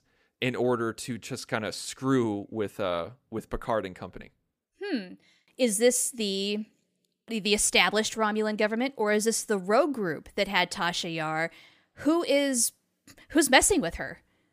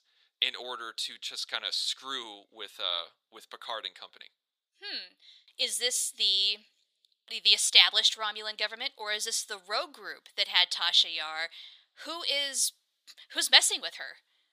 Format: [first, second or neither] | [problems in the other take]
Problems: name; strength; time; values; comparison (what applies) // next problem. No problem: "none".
first | thin; very; fading below 950 Hz